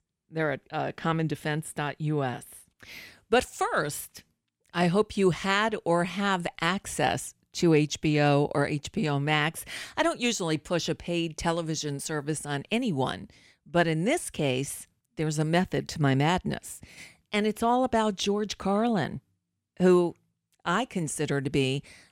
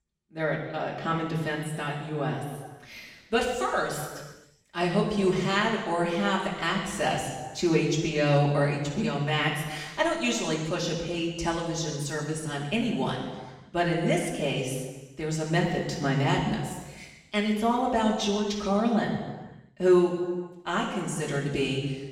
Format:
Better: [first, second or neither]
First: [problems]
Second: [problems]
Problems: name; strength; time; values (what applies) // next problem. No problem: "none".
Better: first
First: none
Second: room echo; noticeable; dies away in 1.2 s // off-mic speech; far